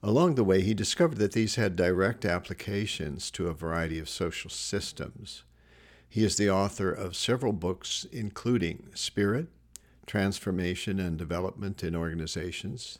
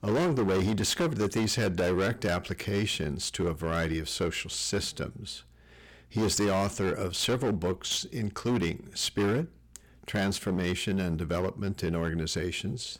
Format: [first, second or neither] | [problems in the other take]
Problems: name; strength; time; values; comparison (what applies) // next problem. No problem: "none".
first | distortion; heavy; 14% of the sound clipped